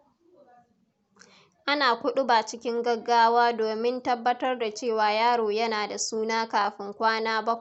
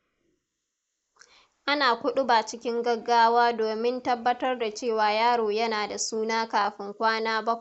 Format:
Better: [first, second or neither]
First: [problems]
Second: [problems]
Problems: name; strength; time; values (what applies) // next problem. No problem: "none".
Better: first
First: none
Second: noise reduction (neural mask model Resemble Enhance denoiser)